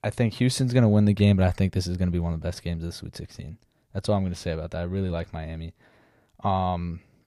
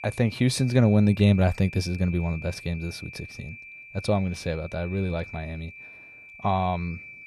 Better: first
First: none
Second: high-pitched whine; noticeable; throughout; 2.5 kHz, 15 dB below the speech

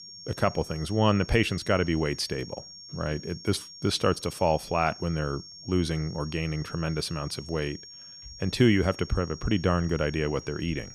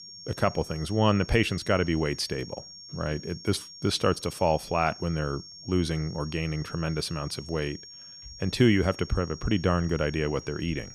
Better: neither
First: high-pitched whine; noticeable; throughout; 5.5 kHz, 15 dB below the speech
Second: high-pitched whine; noticeable; throughout; 5.5 kHz, 15 dB below the speech

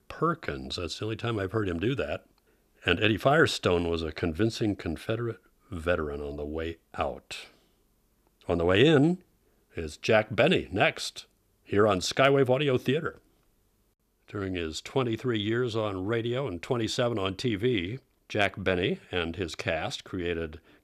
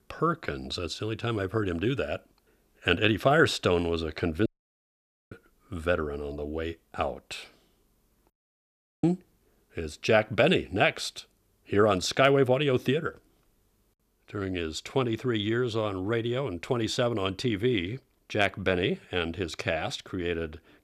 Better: first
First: none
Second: audio cutting out; at 4.5 s for 1 s and at 8.5 s for 0.5 s

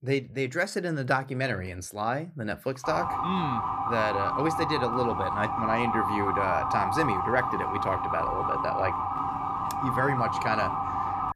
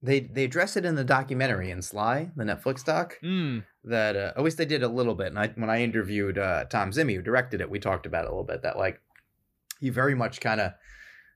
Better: second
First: siren; loud; from 3 s on; peak 3 dB above the speech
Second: none

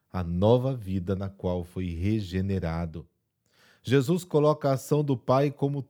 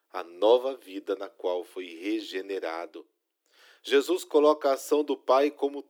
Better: first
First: none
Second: thin; somewhat; fading below 300 Hz

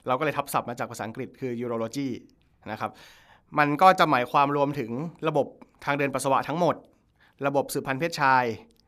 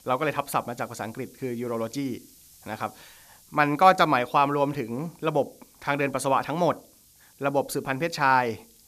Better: first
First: none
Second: hiss; faint; throughout; 25 dB below the speech

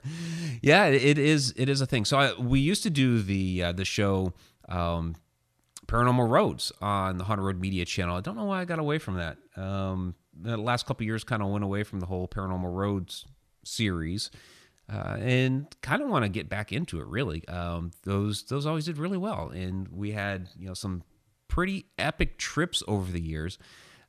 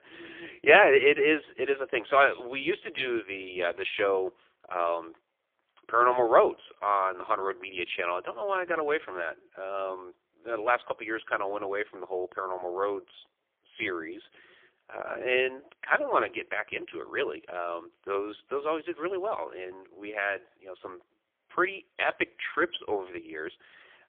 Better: first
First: none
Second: phone-call audio; poor line

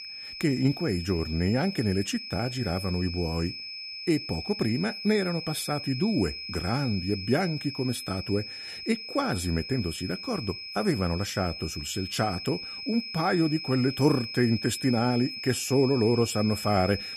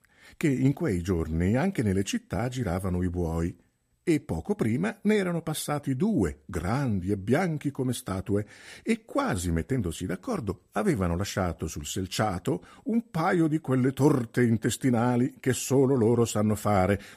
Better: second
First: high-pitched whine; loud; throughout; 5 kHz, 8 dB below the speech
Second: none

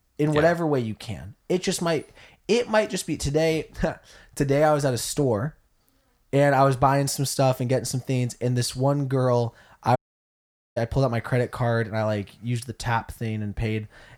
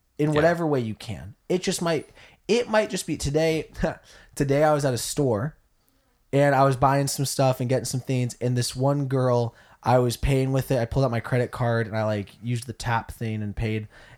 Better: second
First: audio cutting out; at 10 s for 1 s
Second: none

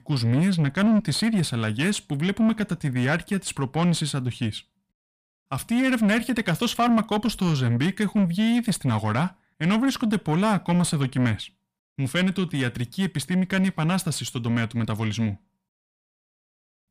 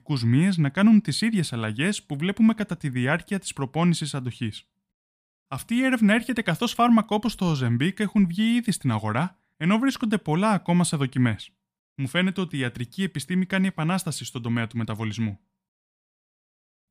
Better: second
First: distortion; slight; 10 dB below the speech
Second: none

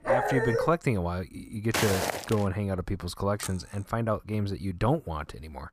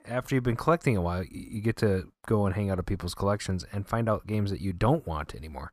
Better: second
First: dog barking; loud; at the start; peak 4 dB above the speech // footsteps; loud; at 1.5 s; peak 2 dB above the speech // clattering dishes; noticeable; at 3.5 s; peak 10 dB below the speech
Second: none

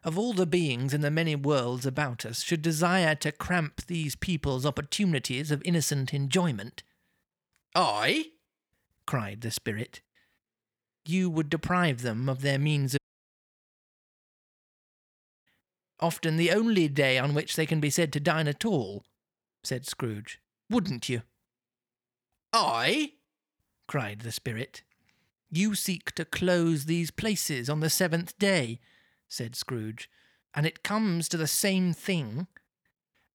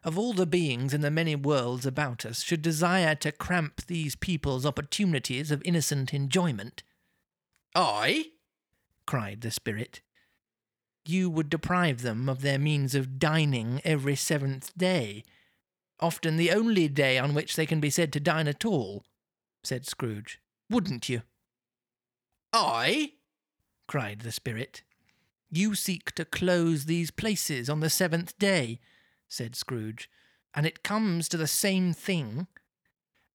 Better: second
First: audio cutting out; at 13 s for 2.5 s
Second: none

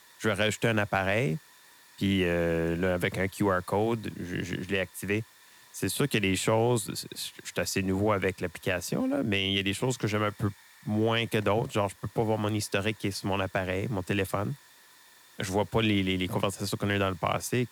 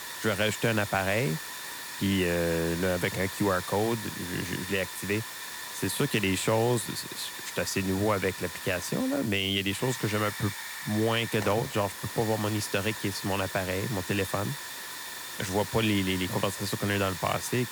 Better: first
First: hiss; faint; throughout; 25 dB below the speech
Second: hiss; loud; throughout; 7 dB below the speech

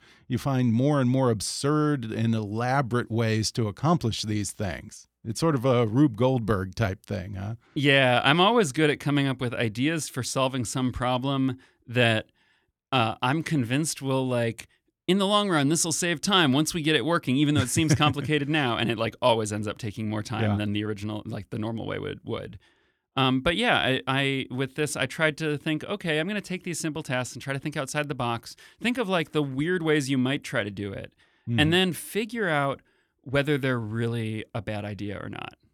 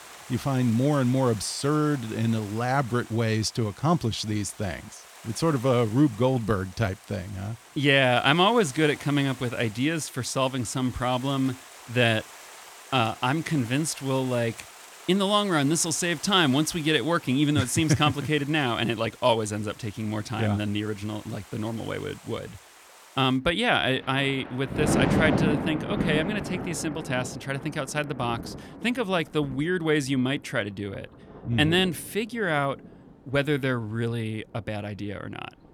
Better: first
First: none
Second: rain or running water; noticeable; throughout; 10 dB below the speech

